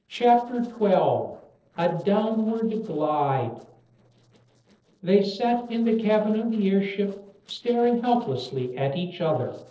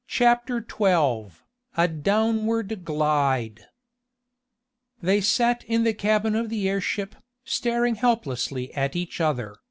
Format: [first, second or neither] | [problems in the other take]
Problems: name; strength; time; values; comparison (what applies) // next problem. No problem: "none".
second | noise reduction (neural separator model SepFormer DNS4)